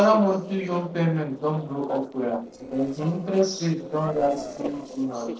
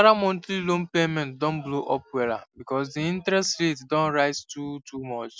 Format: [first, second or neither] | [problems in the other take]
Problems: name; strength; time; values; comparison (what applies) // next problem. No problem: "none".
second | noise reduction (neural separator model SepFormer DNS4)